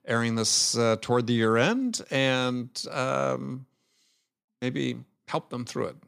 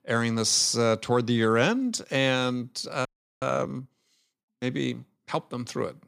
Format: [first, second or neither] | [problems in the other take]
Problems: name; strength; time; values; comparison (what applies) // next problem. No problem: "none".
first | audio freezing; at 3 s